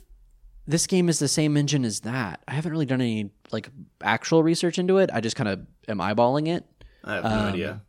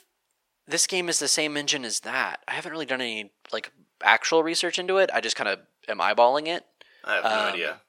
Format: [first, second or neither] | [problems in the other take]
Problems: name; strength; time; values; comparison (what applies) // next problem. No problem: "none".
first | thin; very; fading below 600 Hz